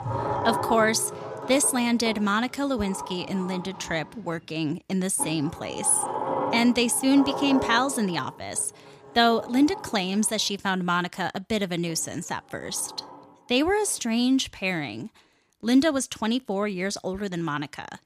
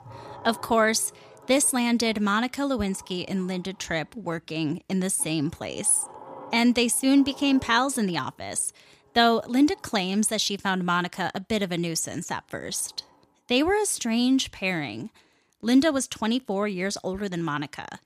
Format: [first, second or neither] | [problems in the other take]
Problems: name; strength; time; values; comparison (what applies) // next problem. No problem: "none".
second | household noises; loud; throughout; 8 dB below the speech; faint in the second